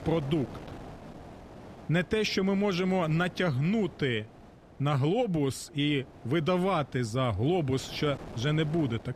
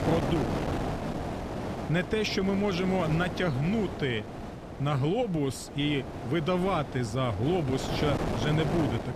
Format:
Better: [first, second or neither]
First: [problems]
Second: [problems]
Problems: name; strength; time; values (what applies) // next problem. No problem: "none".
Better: first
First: wind noise on the microphone; occasional gusts; 20 dB below the speech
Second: wind noise on the microphone; heavy; 5 dB below the speech